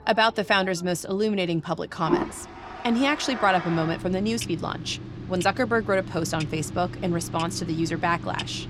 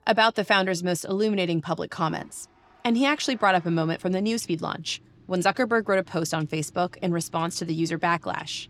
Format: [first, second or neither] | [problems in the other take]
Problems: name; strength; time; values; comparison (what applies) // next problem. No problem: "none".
second | household noises; loud; throughout; 9 dB below the speech; faint in the second